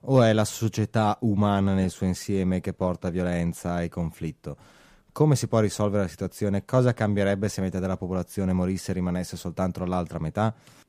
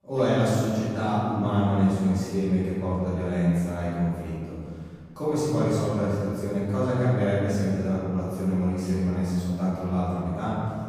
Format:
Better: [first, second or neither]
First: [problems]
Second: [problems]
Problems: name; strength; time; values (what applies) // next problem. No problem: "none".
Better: first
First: none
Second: off-mic speech; far // room echo; strong; dies away in 1.9 s